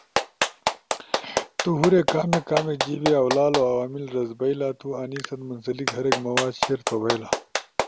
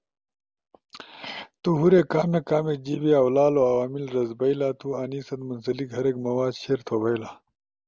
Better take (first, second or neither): second